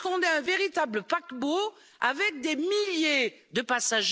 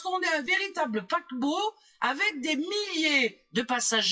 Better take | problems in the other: first | noise reduction (classical method WPE with log-MMSE)

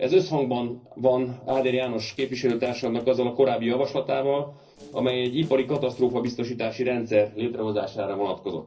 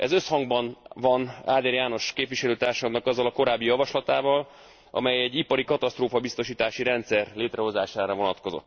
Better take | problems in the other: second | noise reduction (neural separator model SepFormer DNS4)

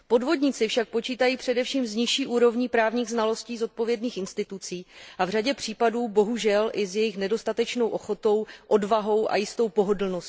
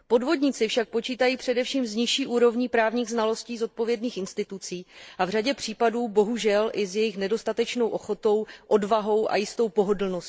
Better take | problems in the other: first | noise reduction (neural mask model Resemble Enhance denoiser)

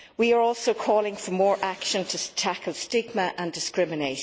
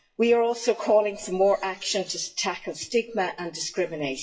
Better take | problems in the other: first | noise reduction (classical method WPE with log-MMSE)

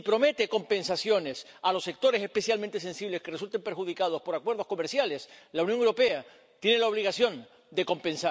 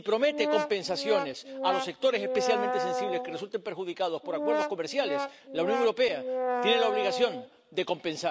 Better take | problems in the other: first | background sound (Brass instrument); 2 dB below the speech

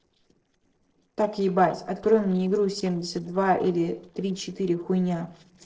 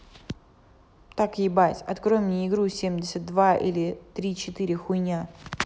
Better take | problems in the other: second | noise reduction (neural separator model SepFormer DNS4)

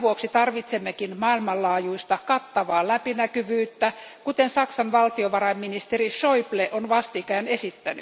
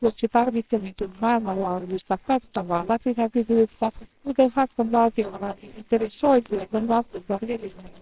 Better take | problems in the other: first | noise reduction (neural separator model SepFormer WHAMR!)

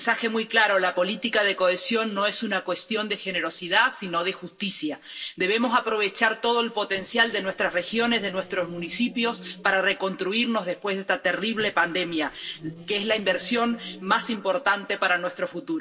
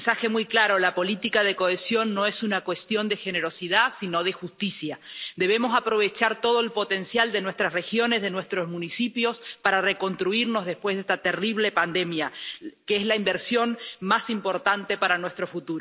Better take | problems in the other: second | noise reduction (neural separator model SepFormer DNS4)

